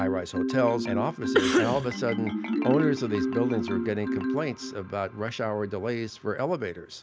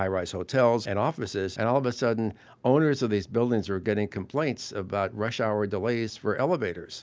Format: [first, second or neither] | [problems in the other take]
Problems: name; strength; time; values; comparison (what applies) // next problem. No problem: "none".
second | background sound (Marimba, xylophone + Cough); 1 dB below the speech